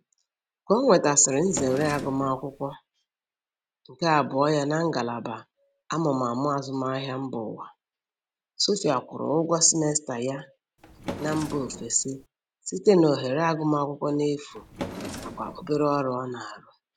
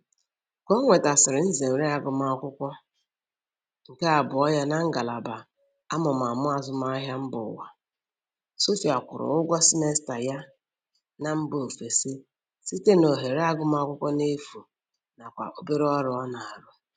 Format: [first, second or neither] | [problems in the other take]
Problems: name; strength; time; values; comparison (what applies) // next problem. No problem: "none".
second | background sound (Drawer open or close); 12 dB below the speech